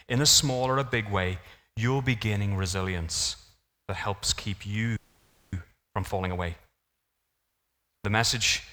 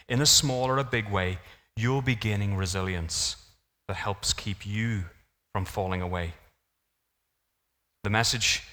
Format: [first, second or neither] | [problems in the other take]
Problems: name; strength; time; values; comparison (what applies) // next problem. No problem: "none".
second | audio freezing; at 5 s for 0.5 s